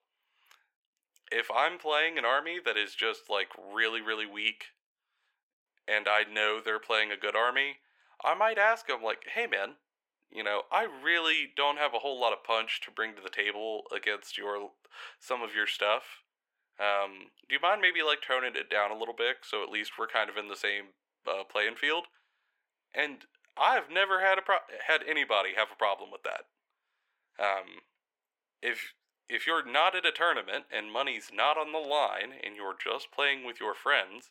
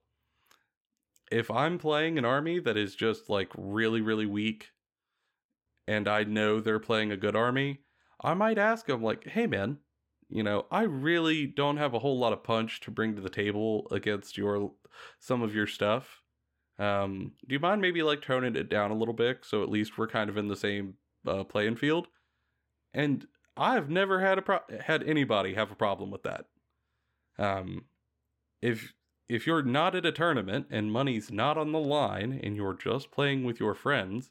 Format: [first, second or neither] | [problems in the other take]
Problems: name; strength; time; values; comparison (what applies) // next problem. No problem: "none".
second | thin; very; fading below 550 Hz